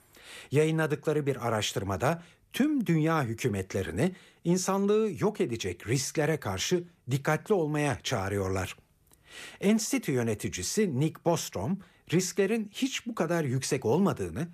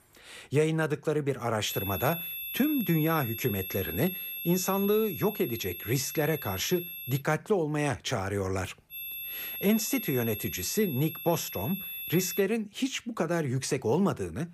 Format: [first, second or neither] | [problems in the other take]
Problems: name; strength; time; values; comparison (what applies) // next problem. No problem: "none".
first | high-pitched whine; loud; from 1.5 to 7 s and from 9 to 12 s; 11.5 kHz, 6 dB below the speech